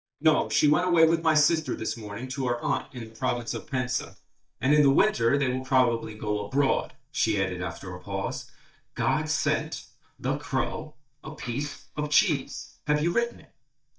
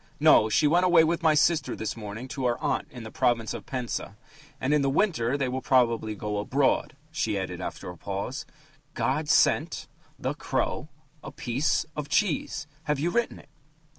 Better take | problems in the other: second | noise reduction (neural mask model DeepFilterNet 3)

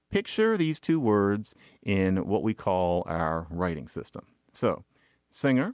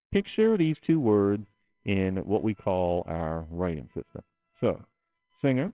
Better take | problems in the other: first | noise reduction (neural separator model SepFormer WHAMR!)

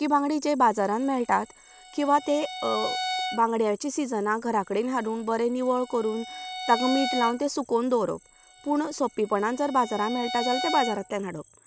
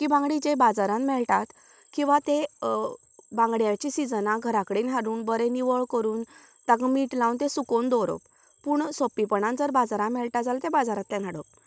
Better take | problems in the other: second | background sound (Bowed string instrument); 10 dB below the speech

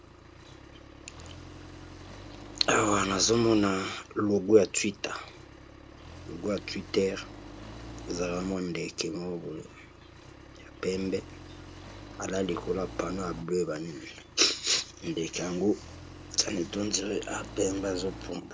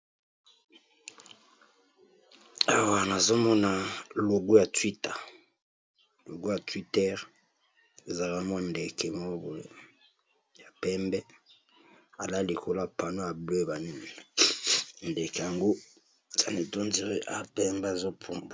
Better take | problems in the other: second | background sound (Accelerating, revving, vroom); 14 dB below the speech

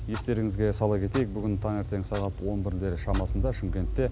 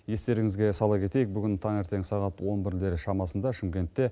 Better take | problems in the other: second | background sound (Clock); 4 dB below the speech

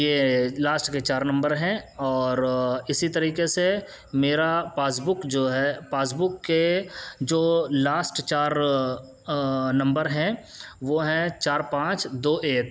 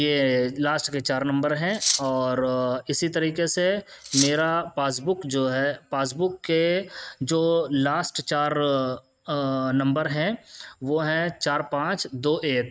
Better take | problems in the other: first | noise reduction (neural mask model RNNoise)

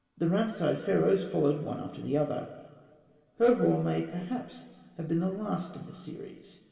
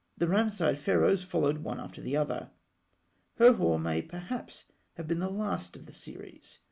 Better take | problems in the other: second | room echo; dies away in 2.2 s

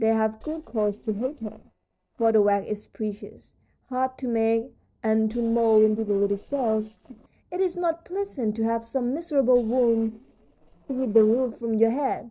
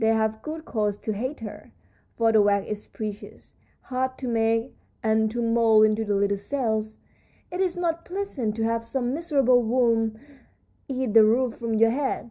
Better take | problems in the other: second | noise reduction (neural separator model SepFormer DNS4)

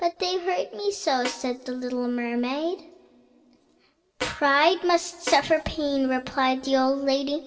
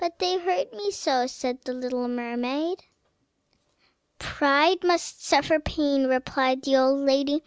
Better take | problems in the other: second | background sound (Snare drum); 13 dB below the speech // room echo; dies away in 1.5 s

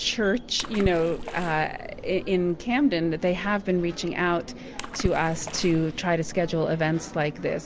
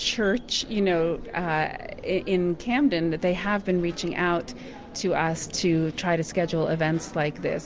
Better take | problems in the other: second | background sound (Water / Splash, splatter); 10 dB below the speech

